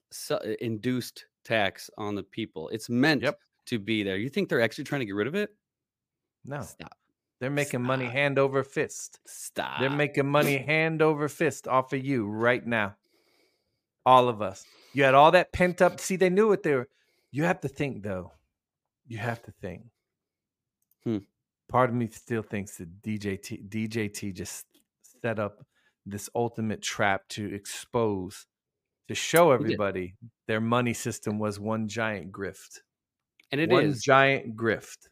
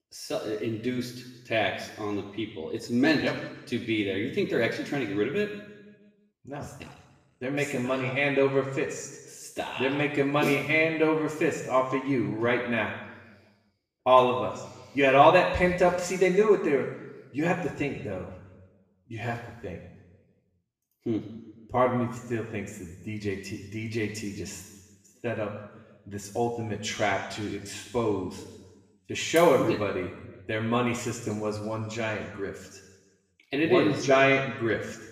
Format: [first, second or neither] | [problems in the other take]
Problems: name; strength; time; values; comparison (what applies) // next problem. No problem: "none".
first | room echo; noticeable; dies away in 1.1 s // off-mic speech; far